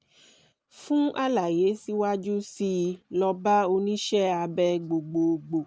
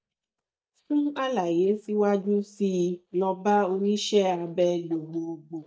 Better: first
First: none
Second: noise reduction (neural mask model DeepFilterNet 3)

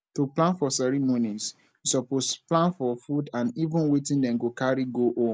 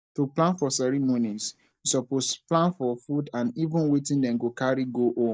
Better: first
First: none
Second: noise reduction (neural mask model DeepFilterNet 3)

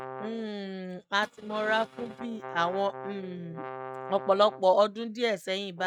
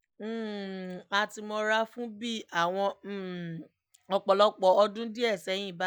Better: second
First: noise reduction (neural mask model RNNoise)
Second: none

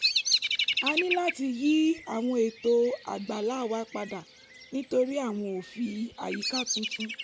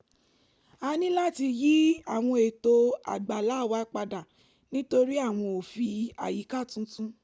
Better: second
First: background sound (Bird vocalization, bird call, bird song); 4 dB below the speech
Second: none

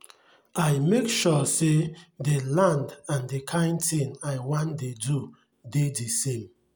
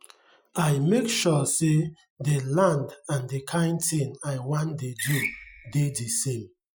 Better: first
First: none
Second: noise reduction (classical method Wiener filter)

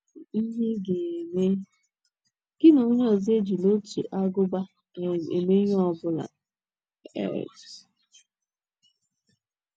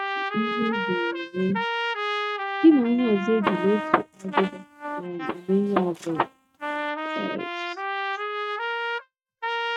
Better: first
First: none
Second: noise reduction (neural mask model RNNoise)

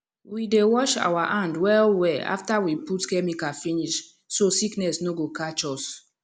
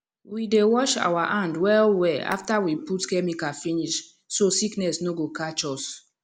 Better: first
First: none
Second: background sound (Telephone); 14 dB below the speech

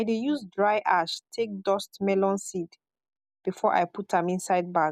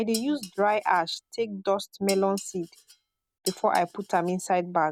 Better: first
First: none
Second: background sound (Dishes, pots, and pans); 16 dB below the speech

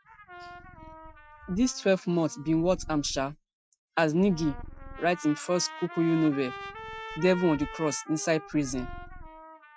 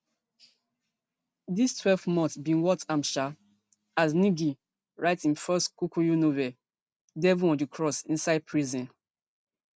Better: second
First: noise reduction (classical method Wiener filter)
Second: none

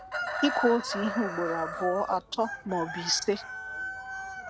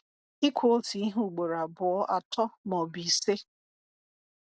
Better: second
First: background sound (Chicken, rooster); 5 dB below the speech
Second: none

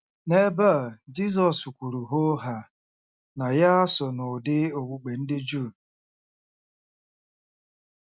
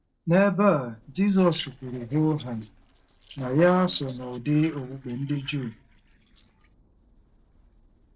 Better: first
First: none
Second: noise reduction (neural separator model SepFormer DNS4)

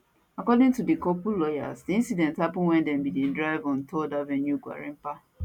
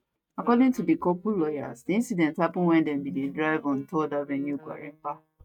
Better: first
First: none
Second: noise reduction (neural mask model DeepFilterNet 3)

